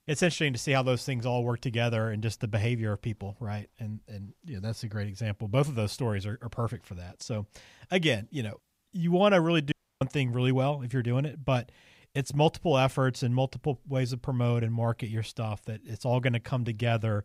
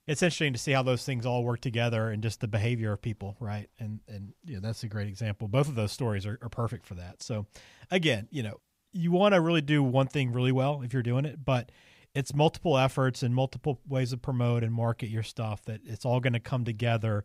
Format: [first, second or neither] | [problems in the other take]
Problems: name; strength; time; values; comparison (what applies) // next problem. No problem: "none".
second | audio cutting out; at 9.5 s